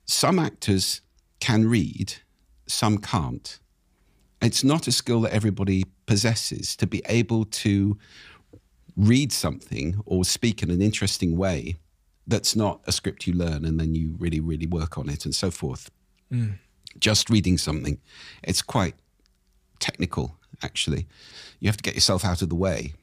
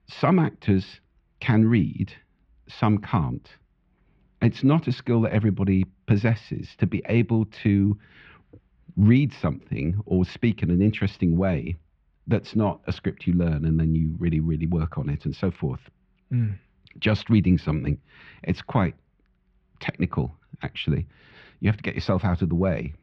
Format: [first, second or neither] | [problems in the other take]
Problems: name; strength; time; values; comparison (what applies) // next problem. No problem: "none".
first | muffled; very; fading above 2.5 kHz